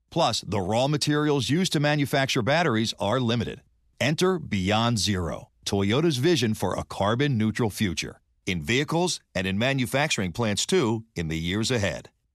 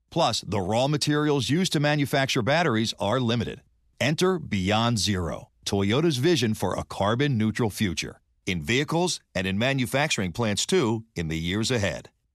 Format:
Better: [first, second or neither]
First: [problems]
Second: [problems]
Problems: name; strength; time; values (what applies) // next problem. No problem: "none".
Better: neither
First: none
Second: none